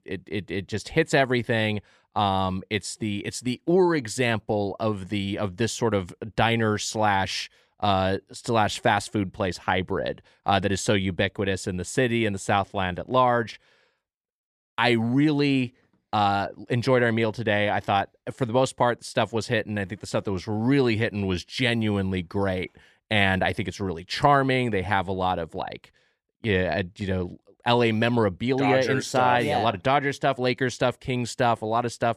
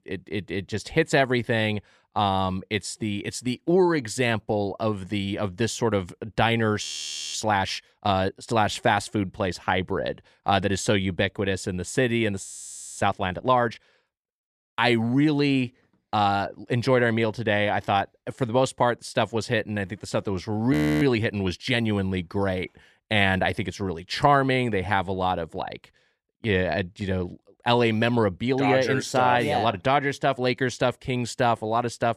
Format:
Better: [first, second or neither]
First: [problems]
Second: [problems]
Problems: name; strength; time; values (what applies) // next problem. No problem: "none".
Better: first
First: none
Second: audio freezing; at 7 s for 0.5 s, at 12 s for 0.5 s and at 21 s